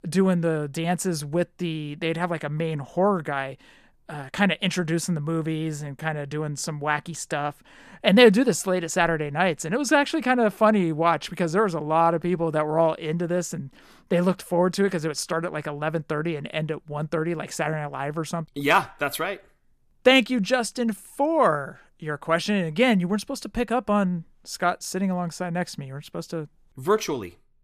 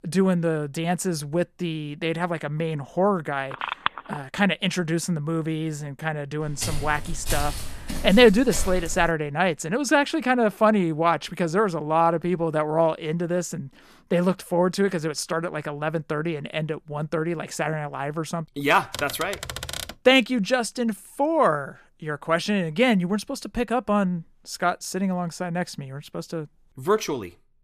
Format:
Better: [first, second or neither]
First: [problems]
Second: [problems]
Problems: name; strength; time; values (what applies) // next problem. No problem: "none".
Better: first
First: none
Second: phone ringing; noticeable; at 3.5 s; peak 4 dB below the speech // footsteps; noticeable; from 6.5 to 9 s; peak 5 dB below the speech // keyboard typing; noticeable; at 19 s; peak 7 dB below the speech